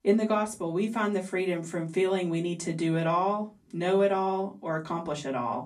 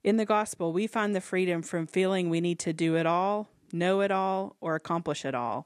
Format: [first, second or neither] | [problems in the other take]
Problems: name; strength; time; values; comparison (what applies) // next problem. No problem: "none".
second | off-mic speech; far // room echo; very slight; dies away in 0.2 s